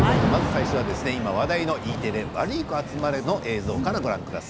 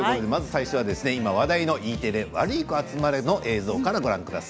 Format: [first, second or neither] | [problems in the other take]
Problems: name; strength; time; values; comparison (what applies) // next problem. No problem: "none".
second | background sound (Thunder / Rain); 1 dB below the speech